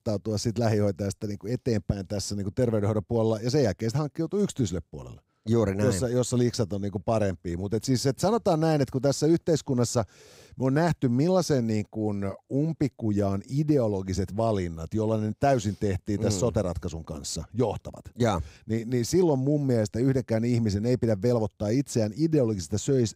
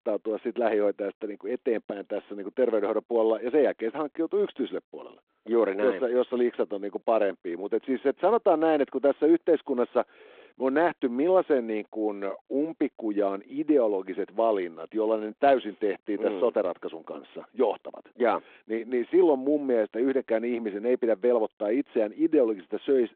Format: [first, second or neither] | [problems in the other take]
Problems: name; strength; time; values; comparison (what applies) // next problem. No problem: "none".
first | phone-call audio; nothing above 4 kHz